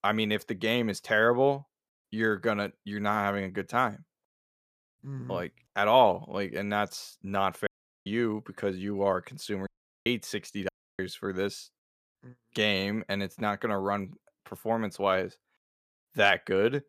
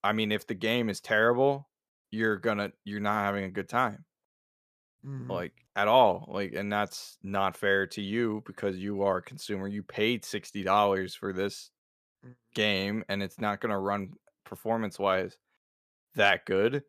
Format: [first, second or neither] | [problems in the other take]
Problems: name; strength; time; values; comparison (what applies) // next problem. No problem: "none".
second | audio cutting out; at 7.5 s, at 9.5 s and at 11 s